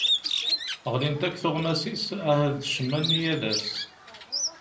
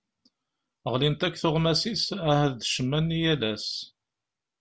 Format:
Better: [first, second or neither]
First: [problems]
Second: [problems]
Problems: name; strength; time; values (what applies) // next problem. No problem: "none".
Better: second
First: background sound (Bird); 3 dB below the speech // room echo; dies away in 0.4 s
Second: none